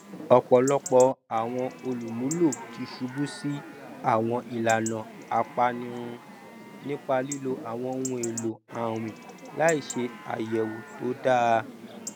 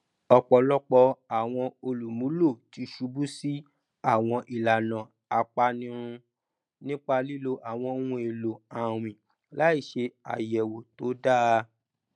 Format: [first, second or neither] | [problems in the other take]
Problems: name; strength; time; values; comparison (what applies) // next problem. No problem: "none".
second | background sound (Chatter / Chirp, tweet / Livestock, farm animals, working animals); 14 dB below the speech